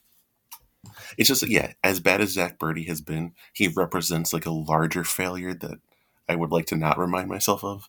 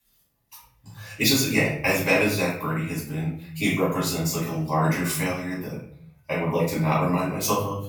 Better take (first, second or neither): first